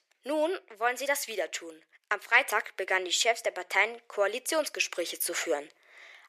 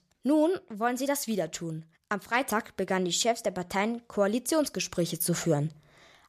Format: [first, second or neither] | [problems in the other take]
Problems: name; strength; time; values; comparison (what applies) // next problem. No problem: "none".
second | thin; very; fading below 400 Hz